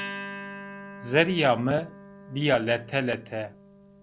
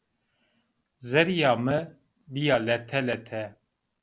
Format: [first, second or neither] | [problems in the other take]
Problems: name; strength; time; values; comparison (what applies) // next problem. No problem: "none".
second | background sound (Acoustic guitar); 14 dB below the speech